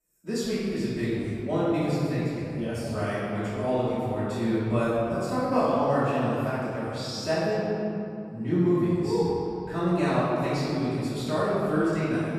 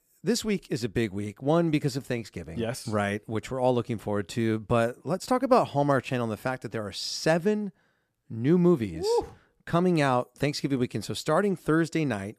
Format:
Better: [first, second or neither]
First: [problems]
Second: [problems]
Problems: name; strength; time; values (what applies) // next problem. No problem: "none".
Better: second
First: off-mic speech; far // room echo; strong; dies away in 2.6 s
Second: none